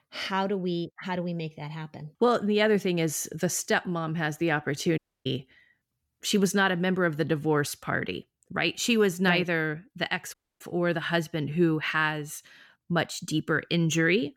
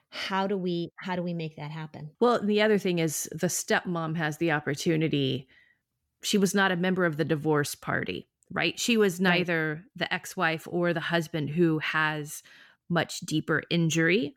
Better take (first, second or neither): second